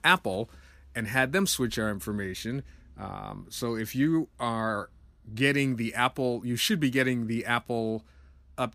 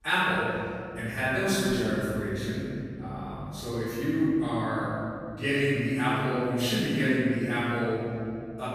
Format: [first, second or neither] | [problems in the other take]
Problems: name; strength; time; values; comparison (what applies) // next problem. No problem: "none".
first | off-mic speech; far // room echo; strong; dies away in 2.5 s